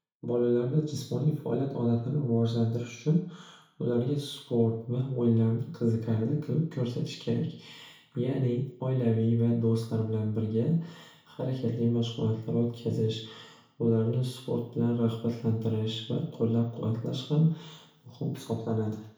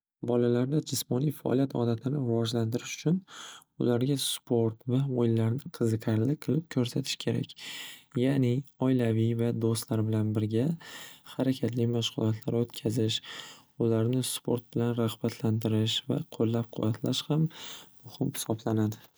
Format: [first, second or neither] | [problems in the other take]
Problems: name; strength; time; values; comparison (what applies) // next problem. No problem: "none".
second | room echo; dies away in 0.6 s